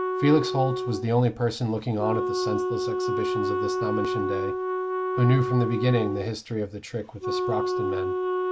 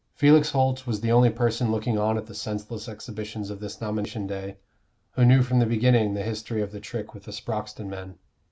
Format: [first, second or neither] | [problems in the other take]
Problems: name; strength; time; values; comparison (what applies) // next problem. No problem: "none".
second | background sound (Wind instrument, woodwind instrument); 1 dB below the speech